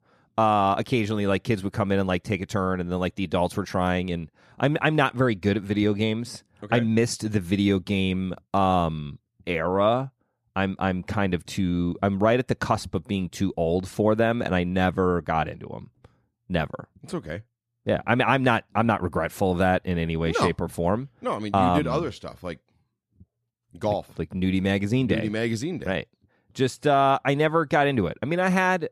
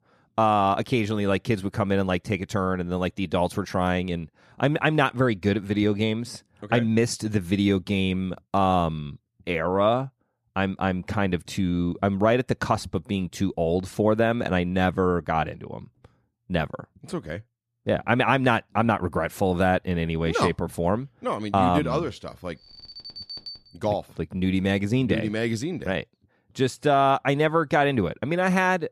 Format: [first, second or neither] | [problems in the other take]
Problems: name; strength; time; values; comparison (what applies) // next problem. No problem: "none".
first | alarm; faint; from 23 to 24 s; peak 10 dB below the speech